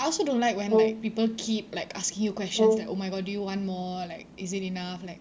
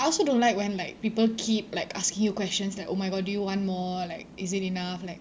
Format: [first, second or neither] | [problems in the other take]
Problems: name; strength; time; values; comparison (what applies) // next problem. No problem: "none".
second | background sound (Brass instrument); as loud as the speech